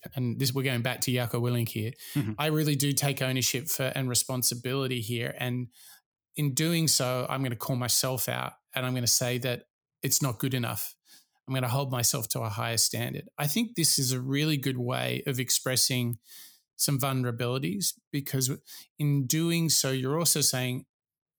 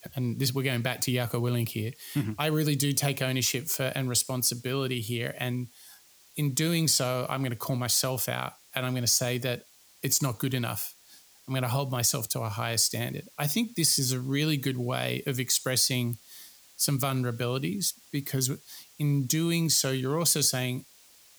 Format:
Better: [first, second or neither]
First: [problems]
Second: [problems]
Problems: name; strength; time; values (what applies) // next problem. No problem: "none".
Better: first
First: none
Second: hiss; faint; throughout; 25 dB below the speech